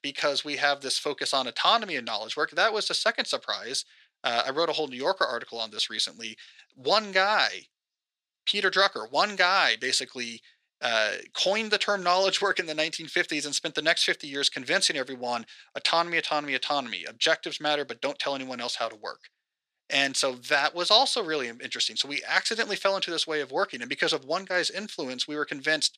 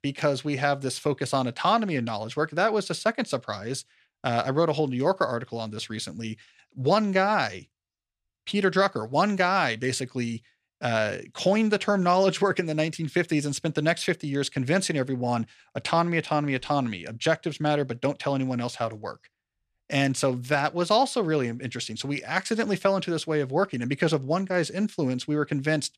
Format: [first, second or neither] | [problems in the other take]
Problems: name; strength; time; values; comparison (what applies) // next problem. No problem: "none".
second | thin; somewhat; fading below 400 Hz